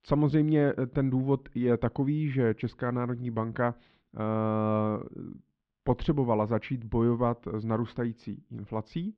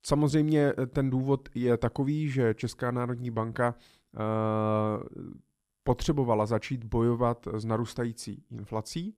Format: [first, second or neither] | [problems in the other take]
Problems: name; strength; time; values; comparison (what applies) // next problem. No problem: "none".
second | muffled; slightly; fading above 3.5 kHz